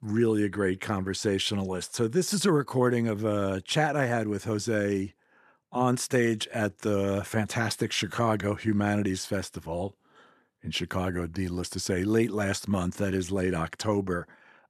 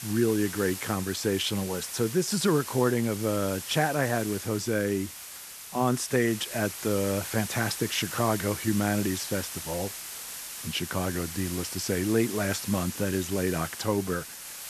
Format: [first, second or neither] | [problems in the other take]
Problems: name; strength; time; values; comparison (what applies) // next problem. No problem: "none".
first | hiss; loud; throughout; 8 dB below the speech